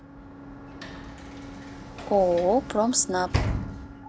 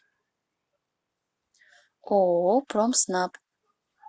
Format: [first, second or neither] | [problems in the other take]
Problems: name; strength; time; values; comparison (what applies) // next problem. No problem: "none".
second | background sound (Sliding door / Slam); 6 dB below the speech